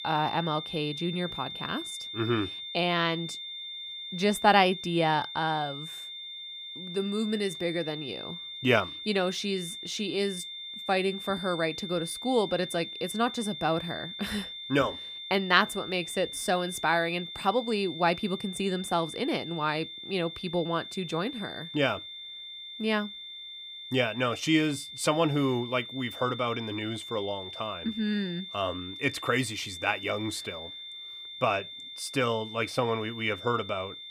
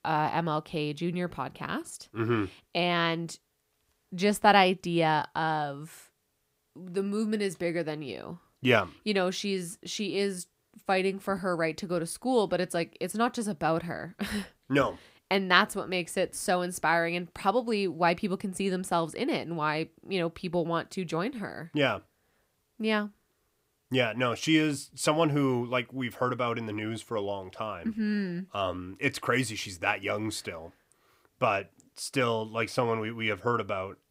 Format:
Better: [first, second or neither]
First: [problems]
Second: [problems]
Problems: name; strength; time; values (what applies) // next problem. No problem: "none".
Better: second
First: high-pitched whine; loud; throughout; 3.5 kHz, 9 dB below the speech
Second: none